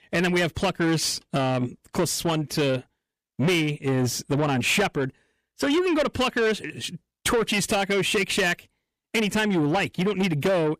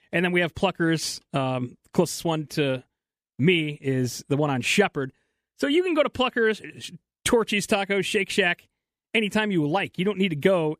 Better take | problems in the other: second | distortion; heavy; 8 dB below the speech

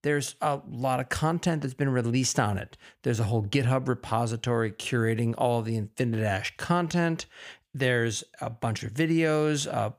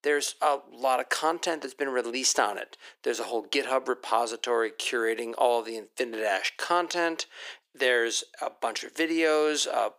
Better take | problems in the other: first | thin; very; fading below 350 Hz

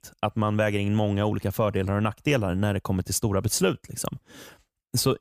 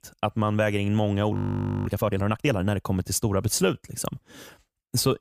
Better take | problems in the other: first | audio freezing; at 1.5 s for 0.5 s

